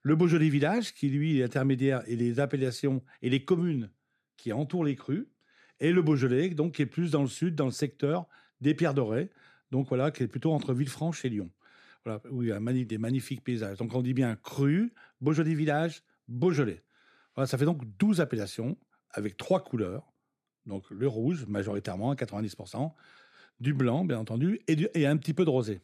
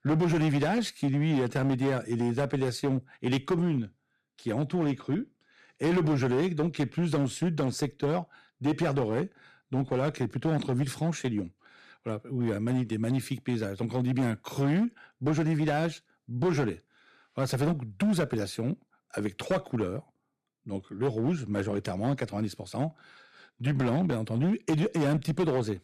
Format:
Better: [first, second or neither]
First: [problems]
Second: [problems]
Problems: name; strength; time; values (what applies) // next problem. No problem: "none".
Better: first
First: none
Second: distortion; slight; 9% of the sound clipped